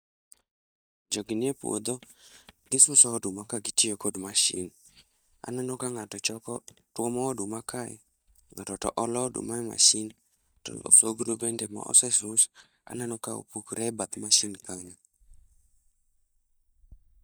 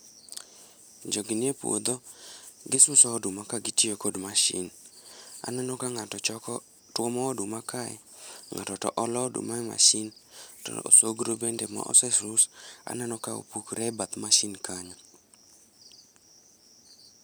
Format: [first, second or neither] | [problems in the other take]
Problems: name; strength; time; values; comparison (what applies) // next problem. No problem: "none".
second | noise reduction (neural mask model DeepFilterNet 3)